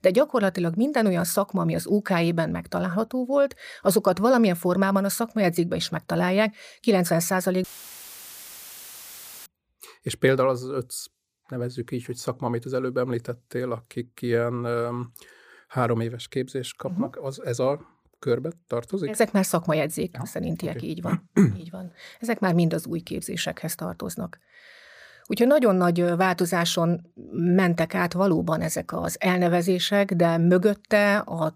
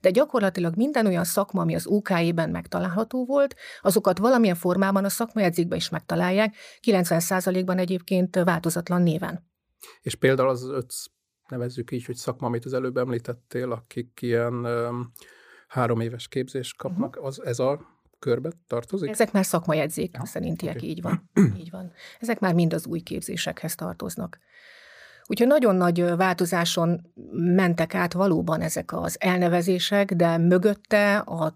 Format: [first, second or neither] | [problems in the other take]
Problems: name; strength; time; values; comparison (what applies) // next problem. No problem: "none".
second | audio cutting out; filled with static; at 7.5 s for 2 s